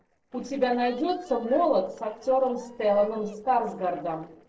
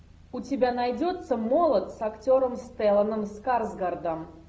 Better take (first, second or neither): second